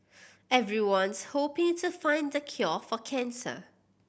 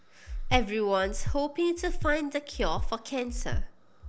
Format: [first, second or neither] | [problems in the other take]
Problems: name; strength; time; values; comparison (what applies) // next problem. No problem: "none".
first | background sound (Breathing); 2 dB below the speech